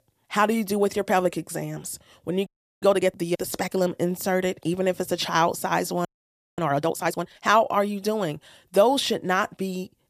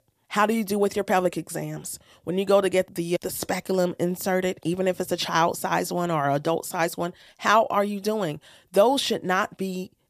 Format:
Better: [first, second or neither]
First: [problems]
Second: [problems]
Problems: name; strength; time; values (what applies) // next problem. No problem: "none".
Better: second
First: audio freezing; at 2.5 s and at 6 s for 0.5 s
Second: none